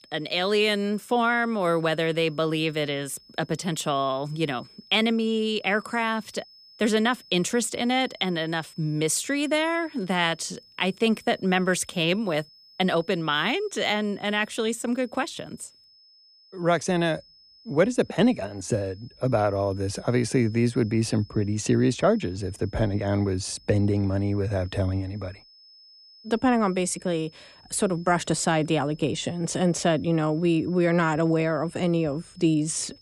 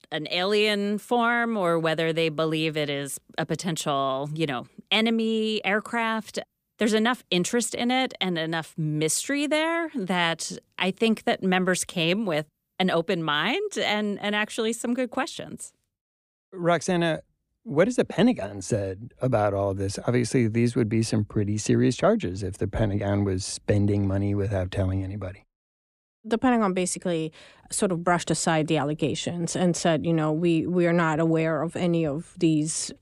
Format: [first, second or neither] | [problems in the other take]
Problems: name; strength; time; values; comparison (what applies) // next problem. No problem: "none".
second | high-pitched whine; faint; throughout; 5 kHz, 25 dB below the speech